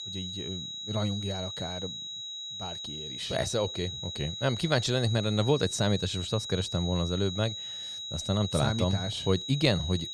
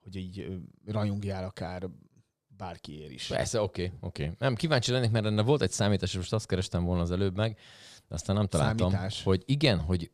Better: second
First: high-pitched whine; loud; throughout; 4 kHz, 6 dB below the speech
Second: none

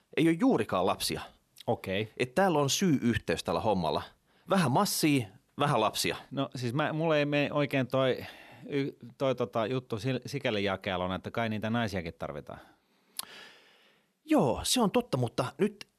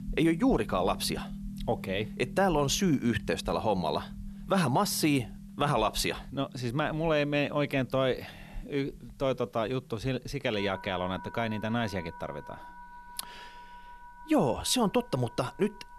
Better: first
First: none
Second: background music; noticeable; throughout; 15 dB below the speech

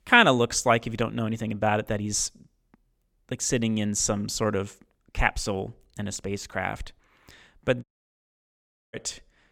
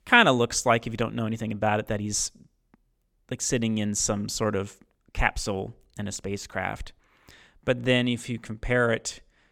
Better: second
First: audio cutting out; at 8 s for 1 s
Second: none

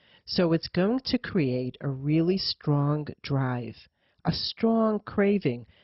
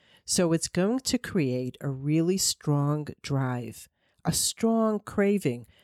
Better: second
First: garbled, watery; badly; nothing above 5.5 kHz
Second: none

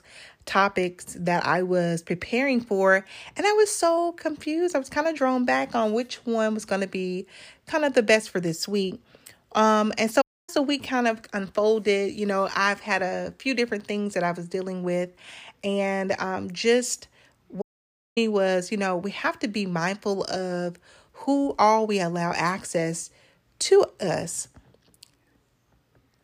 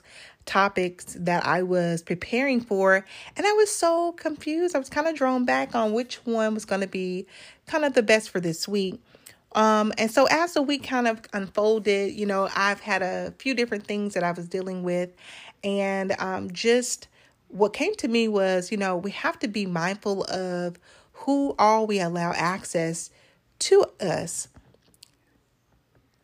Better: second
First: audio cutting out; at 10 s and at 18 s for 0.5 s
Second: none

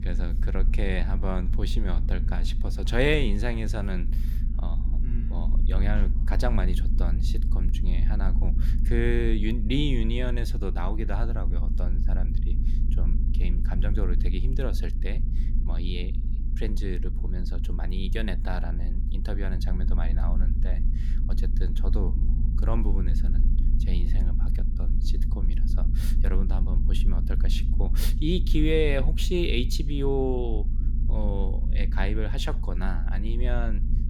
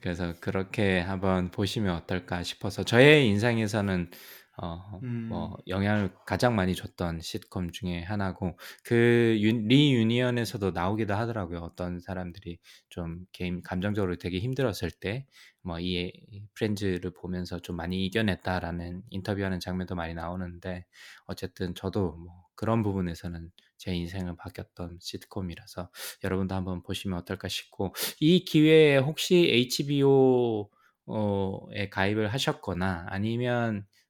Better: second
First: low rumble; noticeable; throughout; 10 dB below the speech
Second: none

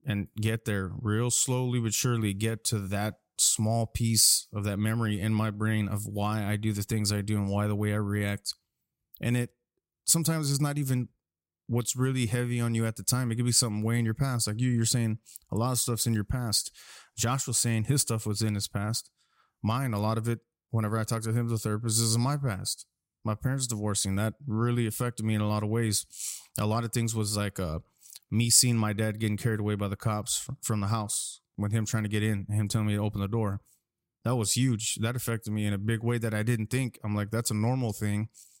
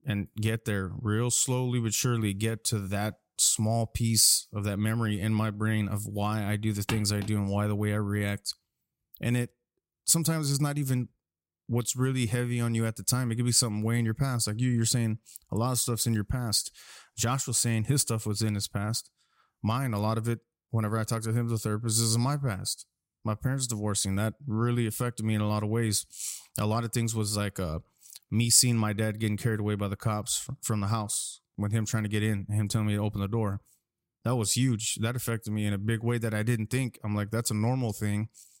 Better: first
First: none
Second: footsteps; noticeable; at 7 s; peak 9 dB below the speech

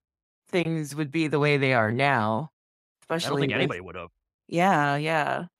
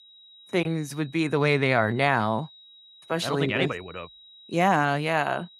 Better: first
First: none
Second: high-pitched whine; faint; throughout; 4 kHz, 25 dB below the speech

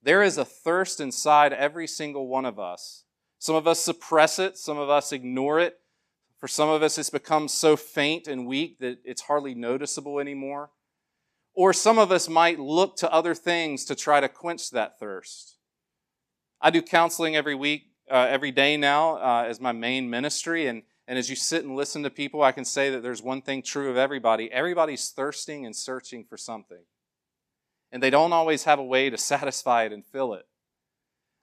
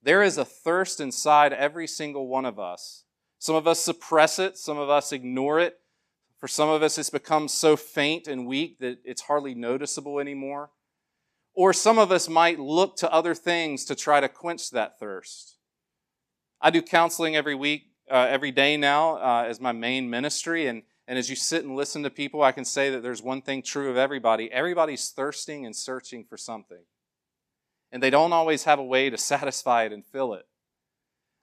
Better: neither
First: none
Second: none

